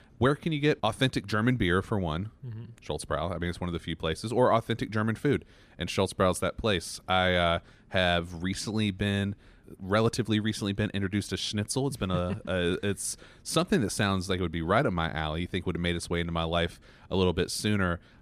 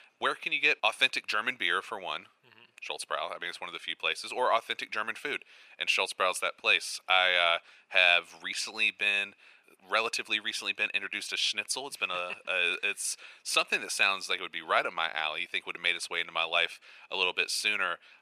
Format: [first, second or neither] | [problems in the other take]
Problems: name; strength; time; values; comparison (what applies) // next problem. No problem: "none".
first | thin; very; fading below 800 Hz